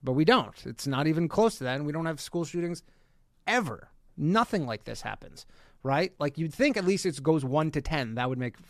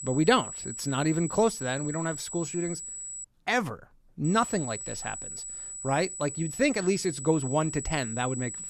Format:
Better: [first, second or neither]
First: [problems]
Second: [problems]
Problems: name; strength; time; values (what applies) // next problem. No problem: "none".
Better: first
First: none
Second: high-pitched whine; loud; until 3 s and from 4.5 s on; 8 kHz, 7 dB below the speech